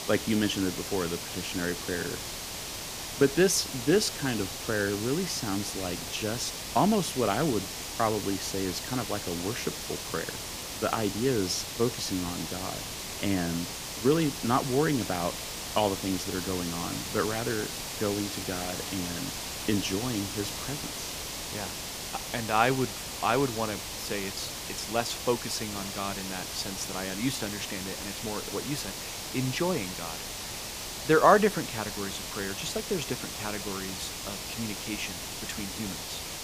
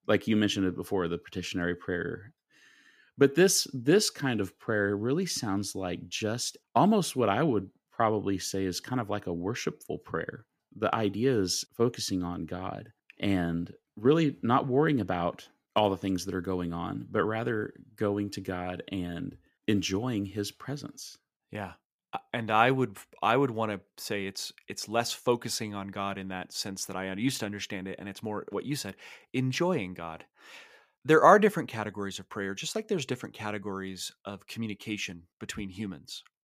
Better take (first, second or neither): second